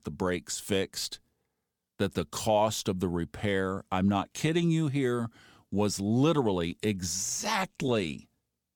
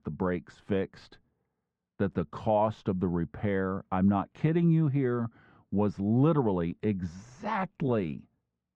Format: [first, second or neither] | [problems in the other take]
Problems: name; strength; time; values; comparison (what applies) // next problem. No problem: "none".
first | muffled; very; fading above 1.5 kHz